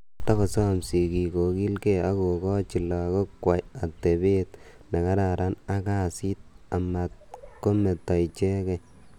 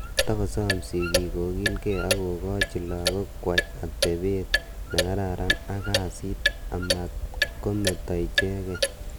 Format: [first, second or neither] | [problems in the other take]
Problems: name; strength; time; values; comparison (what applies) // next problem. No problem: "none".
first | background sound (Clock); as loud as the speech